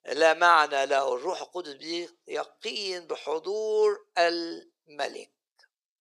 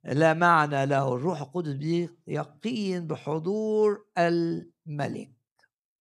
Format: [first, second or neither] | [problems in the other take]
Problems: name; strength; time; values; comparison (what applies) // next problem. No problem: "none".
second | thin; very; fading below 450 Hz